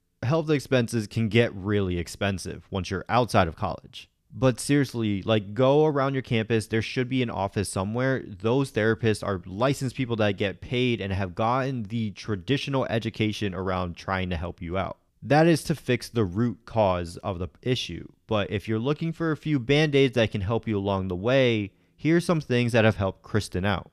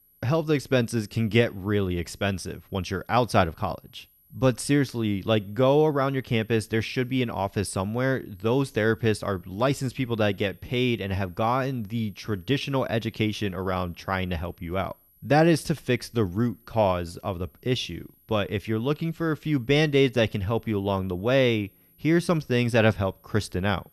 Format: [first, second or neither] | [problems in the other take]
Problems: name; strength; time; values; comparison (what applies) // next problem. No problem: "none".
first | high-pitched whine; faint; throughout; 11.5 kHz, 30 dB below the speech